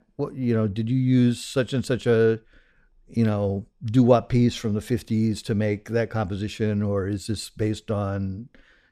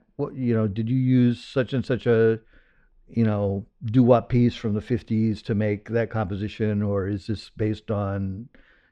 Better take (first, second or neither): first